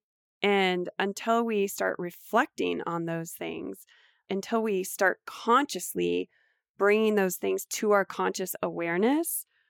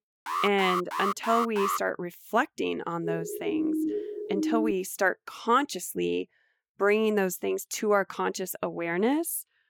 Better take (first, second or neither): first